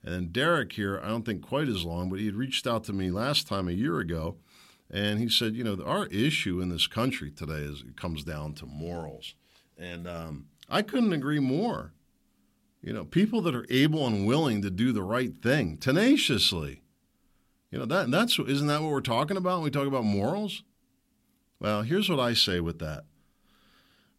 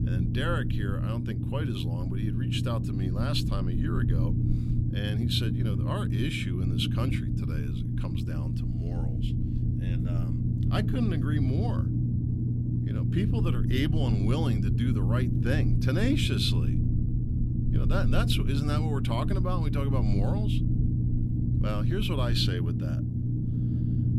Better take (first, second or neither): first